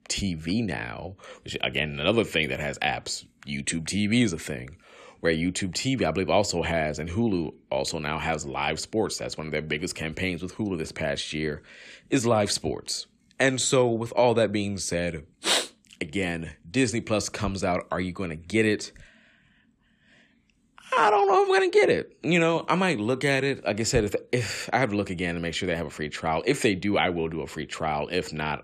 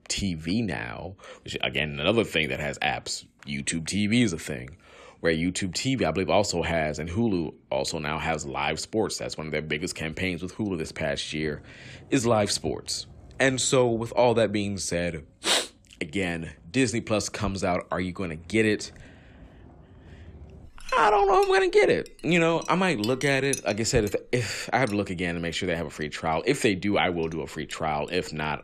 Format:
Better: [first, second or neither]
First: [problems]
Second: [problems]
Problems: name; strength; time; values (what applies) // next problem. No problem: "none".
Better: first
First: none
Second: household noises; noticeable; throughout; 20 dB below the speech